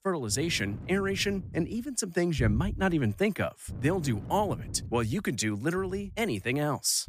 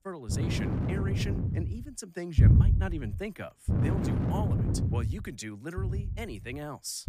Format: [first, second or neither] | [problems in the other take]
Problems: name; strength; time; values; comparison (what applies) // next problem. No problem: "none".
first | wind noise on the microphone; heavy; 1 dB above the speech; occasional gusts in the first